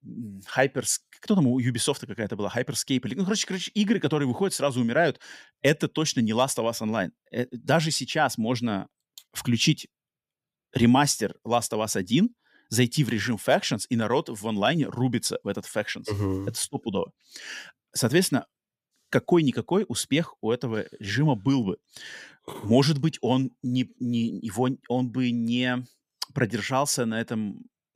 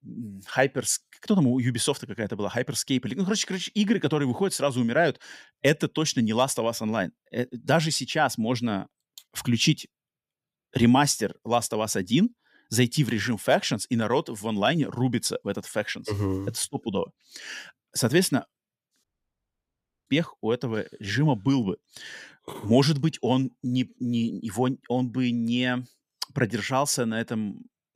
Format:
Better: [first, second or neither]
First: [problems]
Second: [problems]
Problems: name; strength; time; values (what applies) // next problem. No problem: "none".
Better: first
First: none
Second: audio cutting out; at 19 s for 1 s